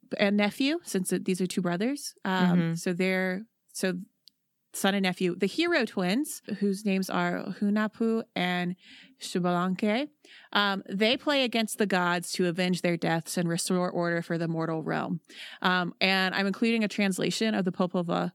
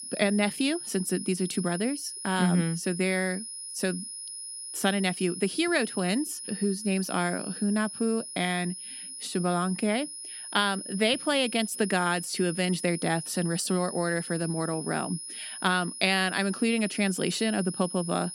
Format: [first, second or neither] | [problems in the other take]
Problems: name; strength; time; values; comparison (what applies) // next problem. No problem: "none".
first | high-pitched whine; loud; throughout; 10.5 kHz, 8 dB below the speech